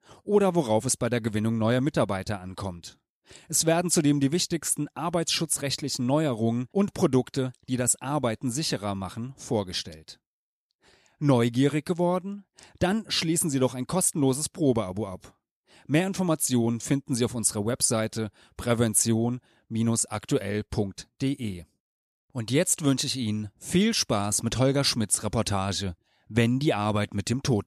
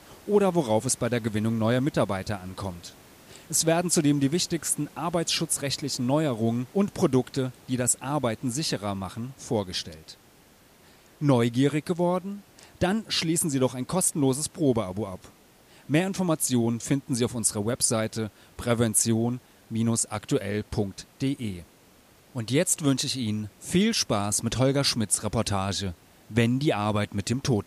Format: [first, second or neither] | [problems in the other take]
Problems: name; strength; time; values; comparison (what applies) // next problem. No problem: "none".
first | hiss; faint; throughout; 25 dB below the speech